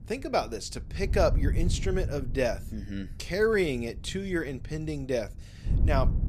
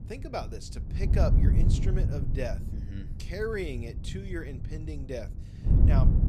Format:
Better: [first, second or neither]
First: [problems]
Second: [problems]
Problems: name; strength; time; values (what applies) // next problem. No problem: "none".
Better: first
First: wind noise on the microphone; occasional gusts; 15 dB below the speech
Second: wind noise on the microphone; heavy; 4 dB below the speech